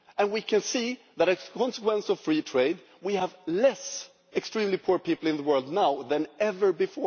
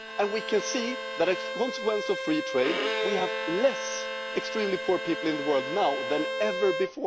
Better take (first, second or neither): first